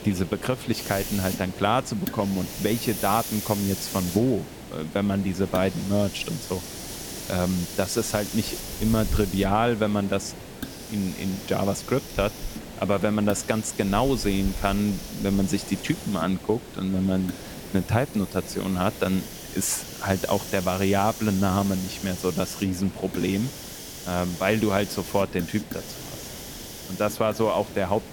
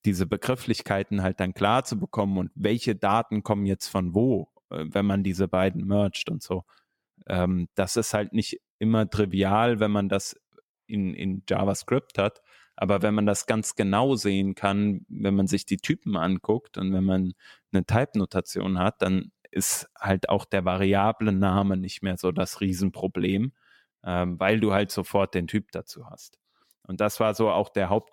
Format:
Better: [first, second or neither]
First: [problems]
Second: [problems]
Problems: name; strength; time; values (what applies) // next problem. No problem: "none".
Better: second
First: hiss; loud; throughout; 9 dB below the speech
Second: none